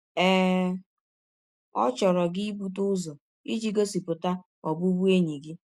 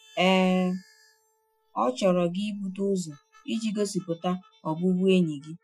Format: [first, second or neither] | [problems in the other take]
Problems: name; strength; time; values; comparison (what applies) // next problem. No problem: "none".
first | noise reduction (classical method Wiener filter)